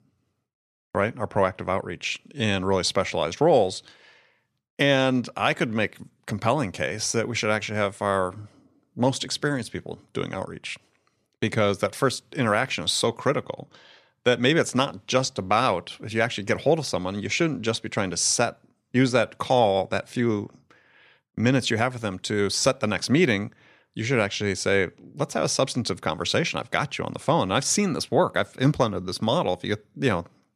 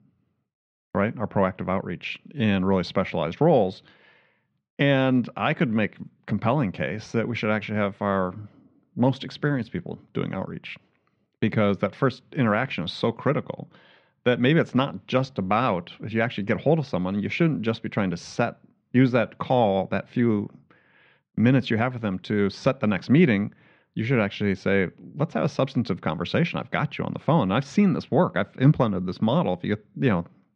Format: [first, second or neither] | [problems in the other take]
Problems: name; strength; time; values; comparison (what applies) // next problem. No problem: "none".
first | muffled; slightly; fading above 3 kHz